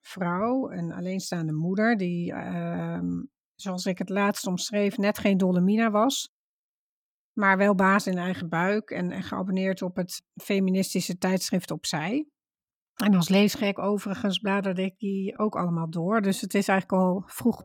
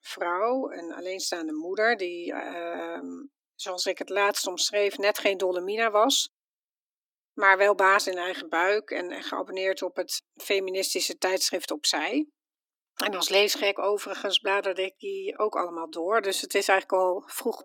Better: first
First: none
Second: thin; very; fading below 300 Hz

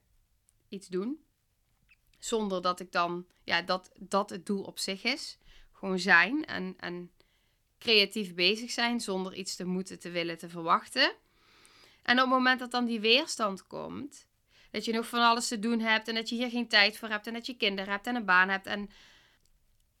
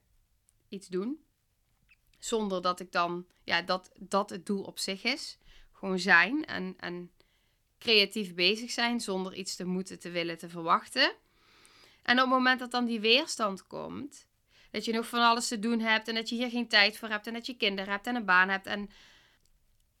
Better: neither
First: none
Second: none

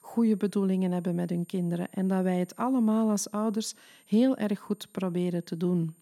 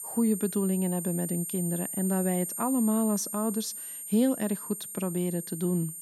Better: first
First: high-pitched whine; faint; throughout; 8.5 kHz, 30 dB below the speech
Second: high-pitched whine; loud; throughout; 8.5 kHz, 6 dB below the speech

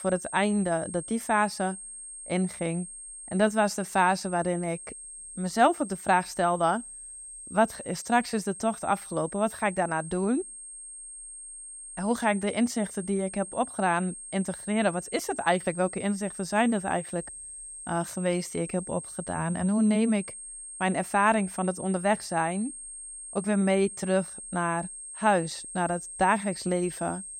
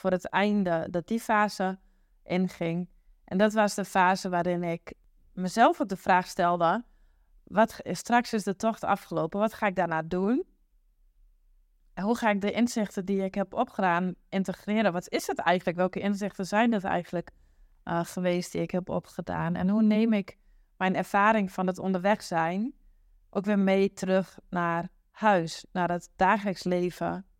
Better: second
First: high-pitched whine; noticeable; throughout; 8.5 kHz, 10 dB below the speech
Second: none

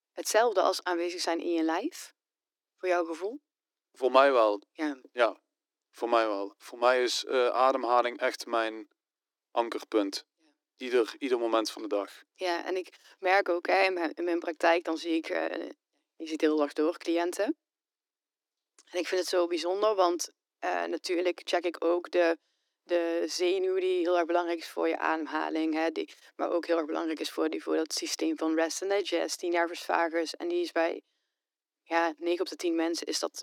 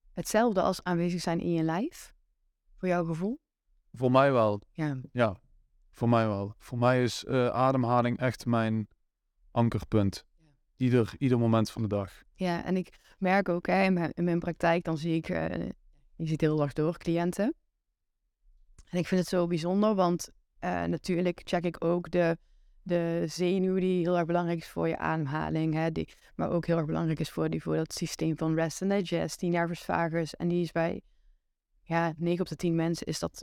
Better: second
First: thin; very; fading below 300 Hz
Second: none

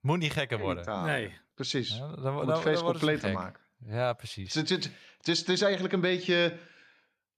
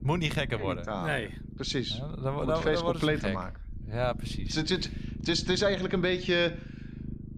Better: first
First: none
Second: low rumble; noticeable; throughout; 20 dB below the speech

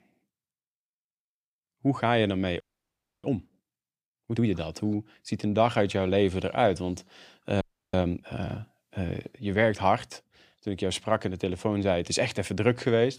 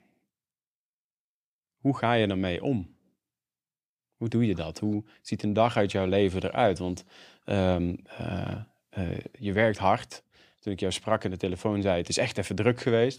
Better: second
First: audio freezing; at 2.5 s for 0.5 s and at 7.5 s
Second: none

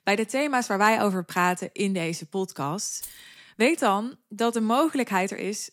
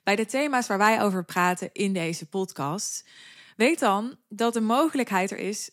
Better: second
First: jangling keys; faint; at 3 s; peak 15 dB below the speech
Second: none

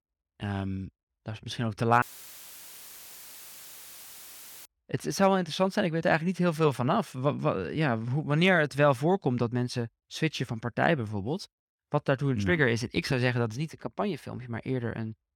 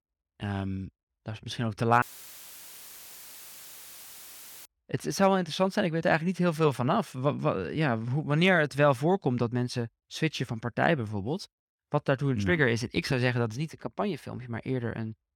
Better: neither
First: audio cutting out; filled with static; at 2 s for 2.5 s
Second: audio cutting out; filled with static; at 2 s for 2.5 s

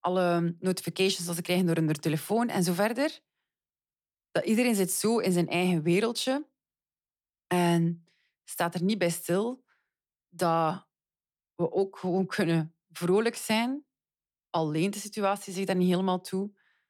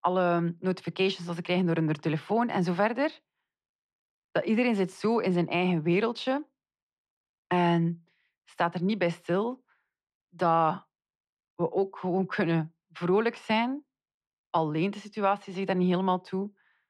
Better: first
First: none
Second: muffled; slightly; fading above 2.5 kHz

